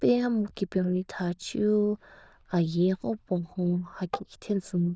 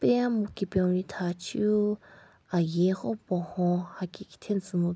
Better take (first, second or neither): second